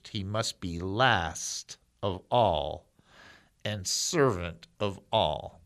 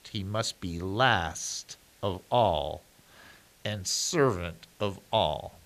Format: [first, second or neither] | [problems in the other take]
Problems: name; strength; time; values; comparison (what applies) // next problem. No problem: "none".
first | hiss; faint; throughout; 30 dB below the speech